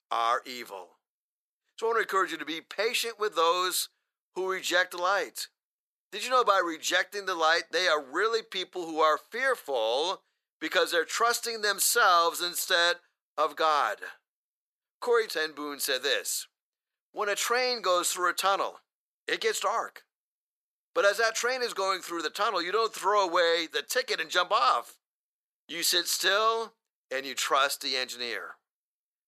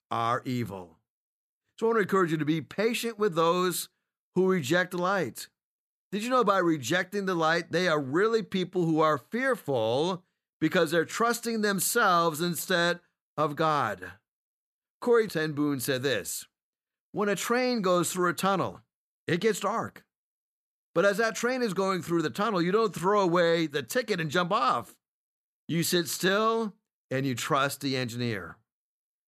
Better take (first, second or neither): second